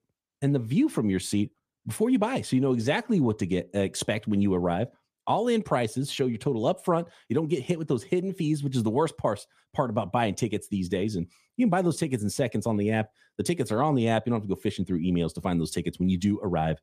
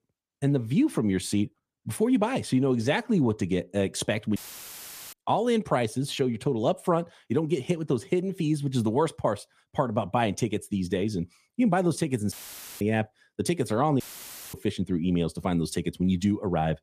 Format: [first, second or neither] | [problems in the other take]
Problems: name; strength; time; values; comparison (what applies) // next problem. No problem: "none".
first | audio cutting out; filled with static; at 4.5 s for 1 s, at 12 s and at 14 s for 0.5 s